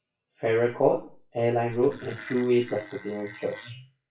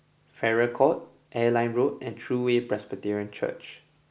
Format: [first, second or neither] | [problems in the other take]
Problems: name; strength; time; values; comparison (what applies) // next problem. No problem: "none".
second | noise reduction (classical method WPE with log-MMSE)